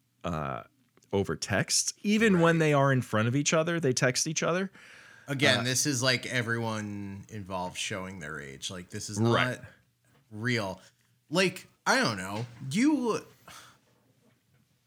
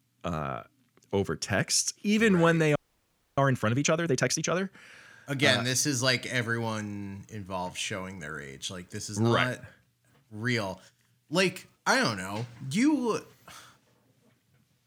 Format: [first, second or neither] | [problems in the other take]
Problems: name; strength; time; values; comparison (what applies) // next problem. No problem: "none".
first | audio freezing; at 3 s for 0.5 s